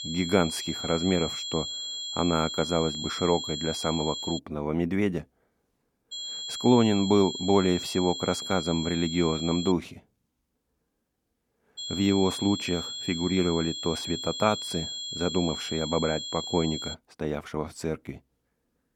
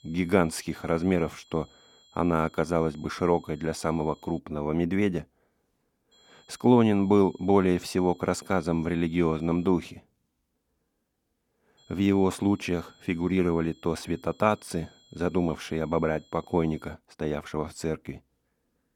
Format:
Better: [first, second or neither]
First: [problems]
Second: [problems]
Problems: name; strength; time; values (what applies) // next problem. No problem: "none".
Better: second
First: high-pitched whine; loud; until 4.5 s, from 6 to 9.5 s and from 12 to 17 s; 3.5 kHz, 5 dB below the speech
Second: high-pitched whine; faint; until 4.5 s, from 6 to 9.5 s and from 12 to 17 s; 3.5 kHz, 30 dB below the speech